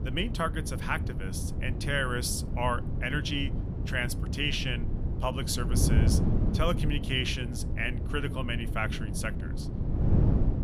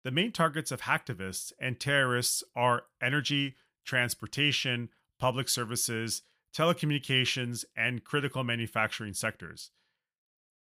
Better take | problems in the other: second | wind noise on the microphone; heavy; 9 dB below the speech

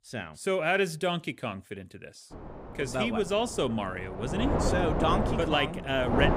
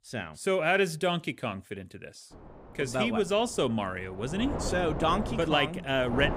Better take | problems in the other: second | wind noise on the microphone; heavy; from 2.5 s on; 4 dB below the speech; occasional gusts in the second

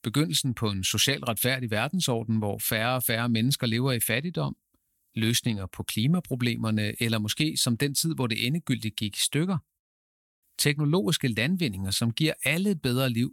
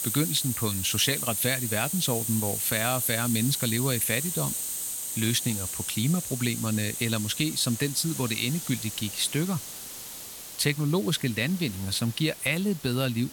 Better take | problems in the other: first | hiss; loud; throughout; 4 dB below the speech

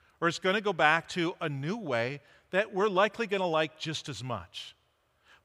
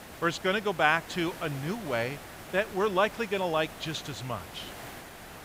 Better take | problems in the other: first | hiss; noticeable; throughout; 15 dB below the speech

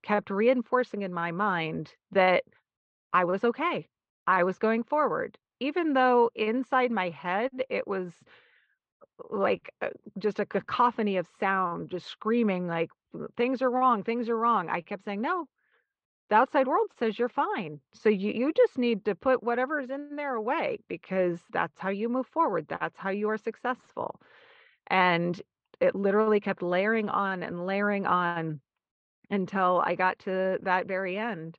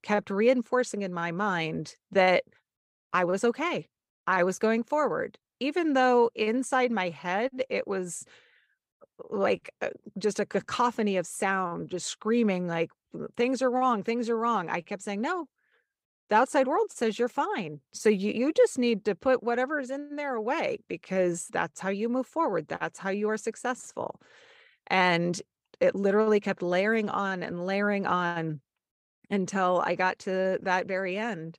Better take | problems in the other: second | muffled; slightly; fading above 3.5 kHz

